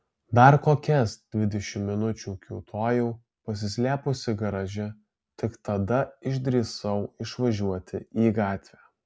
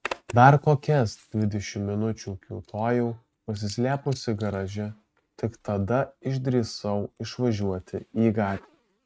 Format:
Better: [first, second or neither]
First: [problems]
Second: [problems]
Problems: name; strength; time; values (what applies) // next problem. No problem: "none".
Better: first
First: none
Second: noise reduction (neural mask model RNNoise)